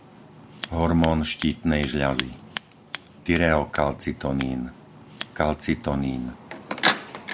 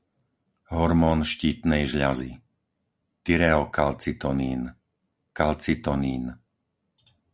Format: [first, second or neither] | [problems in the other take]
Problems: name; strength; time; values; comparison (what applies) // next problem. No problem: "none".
second | background sound (Scissors); 8 dB below the speech